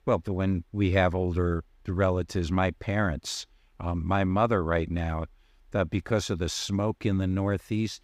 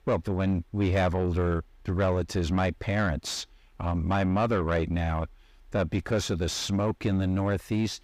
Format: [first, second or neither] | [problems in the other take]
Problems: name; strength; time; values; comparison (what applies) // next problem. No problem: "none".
first | distortion; slight; 9 dB below the speech